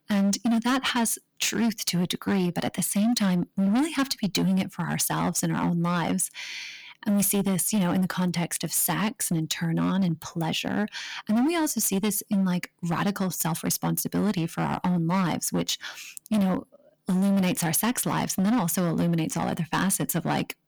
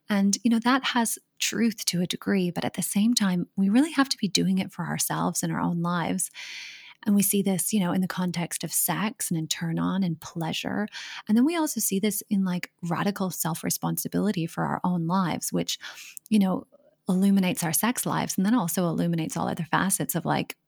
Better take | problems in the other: second | distortion; slight; 14% of the sound clipped

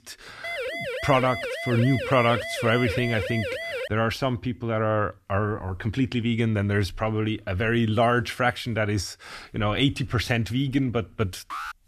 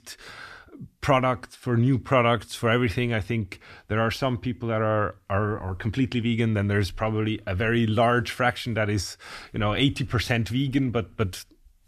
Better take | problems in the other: second | siren; noticeable; until 4 s; peak 5 dB below the speech // alarm; noticeable; at 11 s; peak 9 dB below the speech

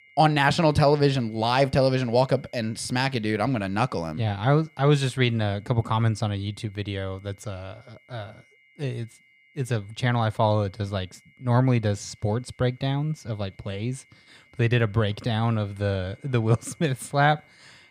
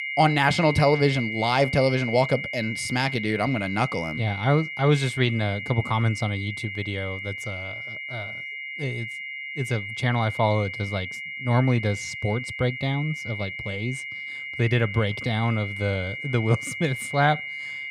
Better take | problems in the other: first | high-pitched whine; loud; throughout; 2 kHz, 7 dB below the speech; faint in the first

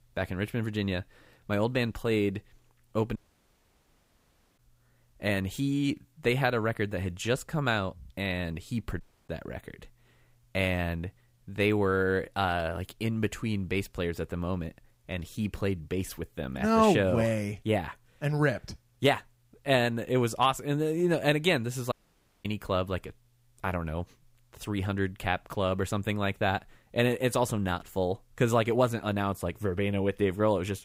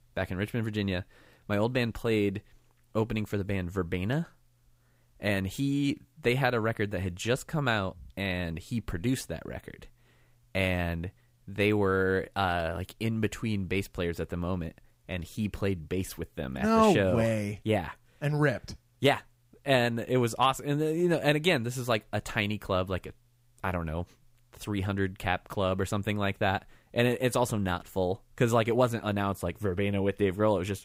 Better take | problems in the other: second | audio cutting out; at 3 s for 1.5 s, at 9 s and at 22 s for 0.5 s

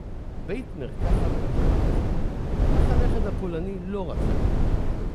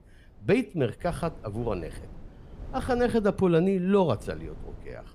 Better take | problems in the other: second | wind noise on the microphone; heavy; 3 dB above the speech; occasional gusts in the second

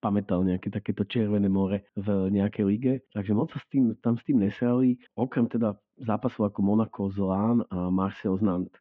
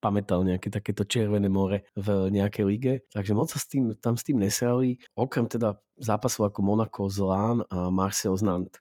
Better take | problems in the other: second | muffled; very; fading above 3 kHz

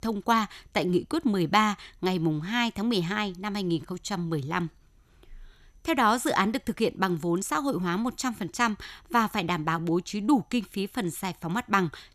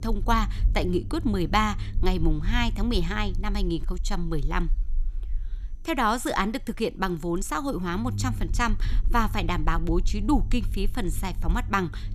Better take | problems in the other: first | low rumble; faint; throughout; 20 dB below the speech

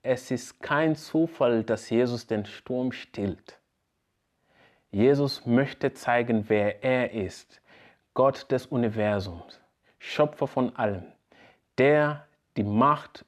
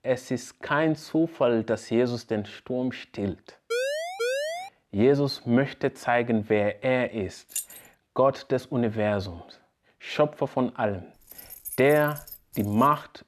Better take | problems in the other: first | siren; noticeable; at 3.5 s; peak 2 dB below the speech // jangling keys; noticeable; at 7.5 s; peak 7 dB below the speech // jangling keys; faint; from 11 s on; peak 10 dB below the speech

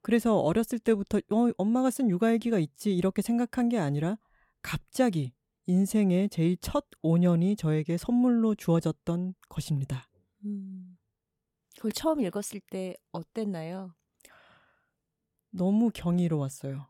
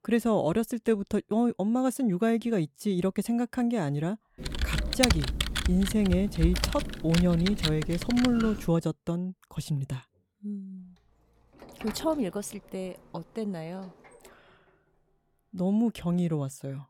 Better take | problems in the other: first | keyboard typing; loud; from 4.5 to 8.5 s; peak 3 dB above the speech // door banging; faint; from 12 to 14 s; peak 15 dB below the speech

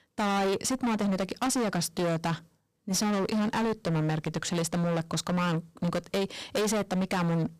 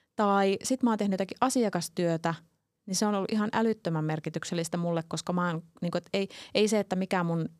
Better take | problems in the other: second | distortion; heavy; 28% of the sound clipped

